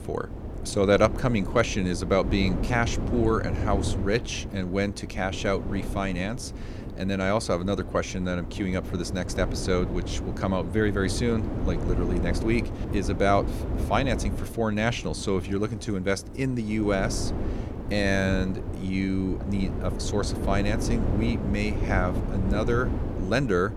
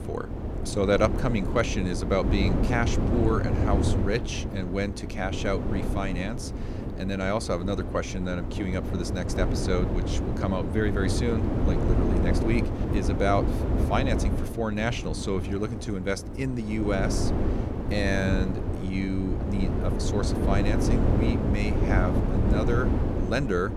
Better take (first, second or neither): first